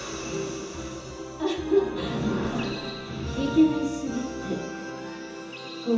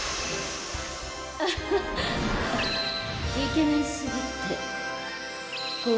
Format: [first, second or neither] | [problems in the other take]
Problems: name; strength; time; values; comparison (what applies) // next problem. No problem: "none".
second | room echo; dies away in 0.6 s